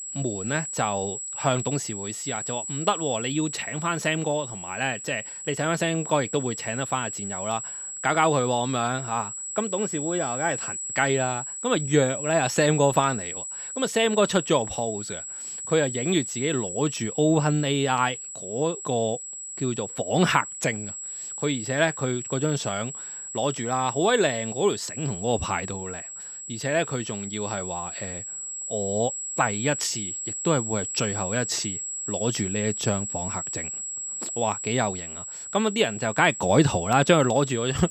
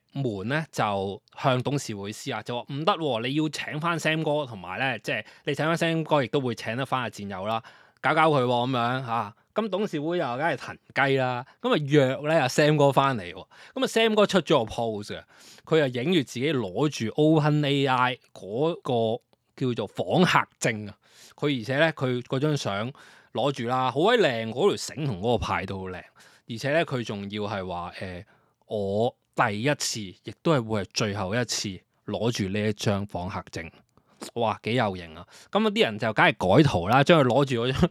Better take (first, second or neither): second